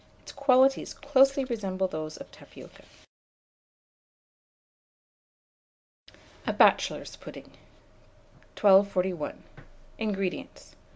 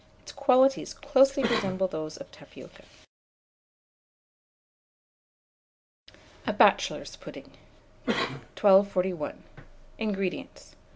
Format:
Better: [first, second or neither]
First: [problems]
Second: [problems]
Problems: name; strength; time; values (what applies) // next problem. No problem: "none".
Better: first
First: none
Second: background sound (Cough); 5 dB below the speech